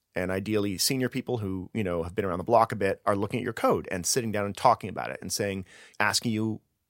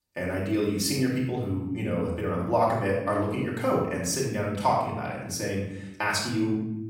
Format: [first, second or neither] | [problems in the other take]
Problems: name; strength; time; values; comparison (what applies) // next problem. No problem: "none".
first | room echo; noticeable; dies away in 0.9 s // off-mic speech; far